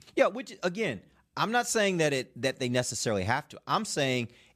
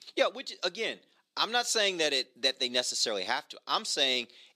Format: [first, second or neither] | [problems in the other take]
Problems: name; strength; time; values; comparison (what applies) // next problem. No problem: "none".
first | thin; somewhat; fading below 300 Hz